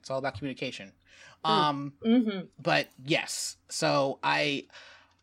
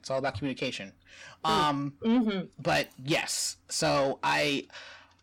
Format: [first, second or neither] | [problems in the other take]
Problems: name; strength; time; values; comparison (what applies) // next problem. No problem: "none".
first | distortion; slight; 10 dB below the speech